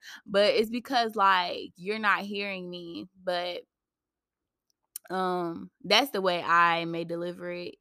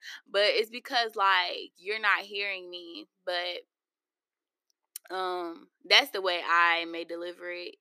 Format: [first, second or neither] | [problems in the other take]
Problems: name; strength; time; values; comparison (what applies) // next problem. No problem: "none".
first | thin; somewhat; fading below 350 Hz